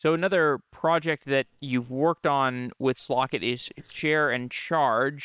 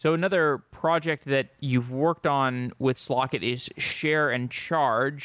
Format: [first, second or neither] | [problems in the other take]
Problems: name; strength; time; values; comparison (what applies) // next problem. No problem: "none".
second | noise reduction (neural separator model SepFormer WHAM!)